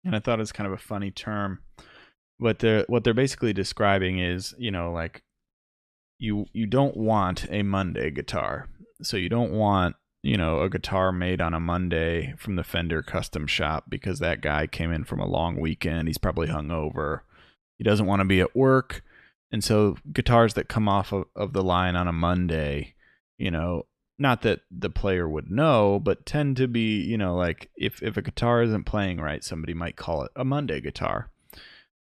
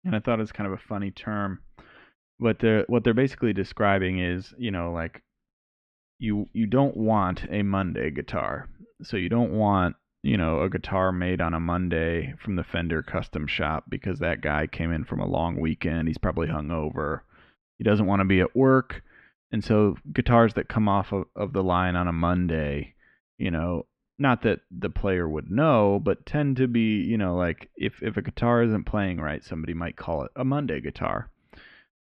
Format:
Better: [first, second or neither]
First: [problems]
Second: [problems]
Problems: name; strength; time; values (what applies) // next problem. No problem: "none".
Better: first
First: none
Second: muffled; slightly; fading above 2 kHz